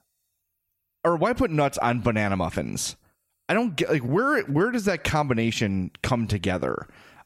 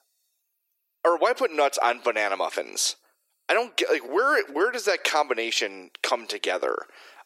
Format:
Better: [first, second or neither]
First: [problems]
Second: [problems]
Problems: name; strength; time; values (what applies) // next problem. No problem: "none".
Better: first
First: none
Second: thin; very; fading below 350 Hz